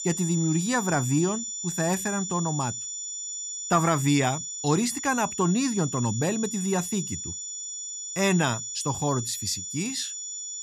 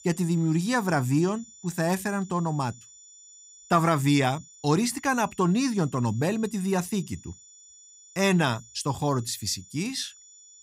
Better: second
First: high-pitched whine; loud; throughout; 7 kHz, 5 dB below the speech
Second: high-pitched whine; faint; throughout; 7 kHz, 20 dB below the speech

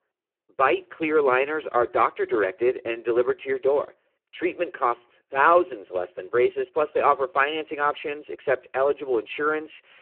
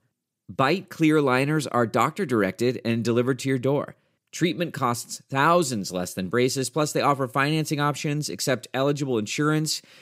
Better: second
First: phone-call audio; poor line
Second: none

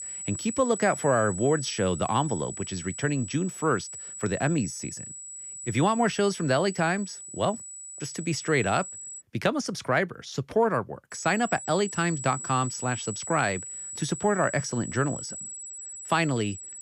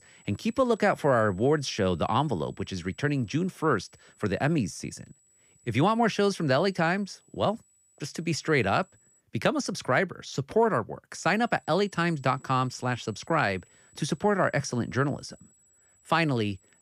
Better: second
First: high-pitched whine; loud; until 9 s and from 11 s on; 8 kHz, 9 dB below the speech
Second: high-pitched whine; faint; until 9 s and from 11 s on; 8 kHz, 30 dB below the speech

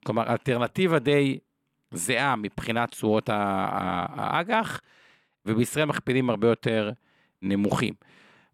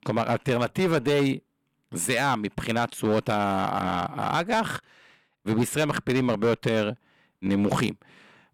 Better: first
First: none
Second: distortion; slight; 8% of the sound clipped

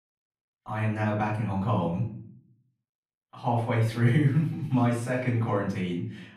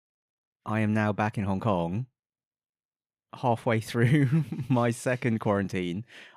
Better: second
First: off-mic speech; far // room echo; noticeable; dies away in 0.5 s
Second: none

